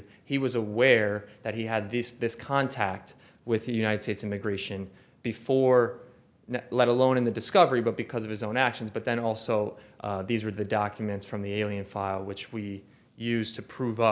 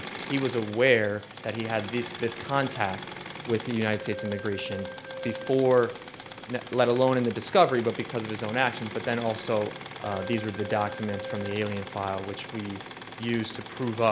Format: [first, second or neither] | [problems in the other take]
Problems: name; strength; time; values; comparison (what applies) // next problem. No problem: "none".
first | background sound (Keyboard (musical) + Engine / Mechanisms); 11 dB below the speech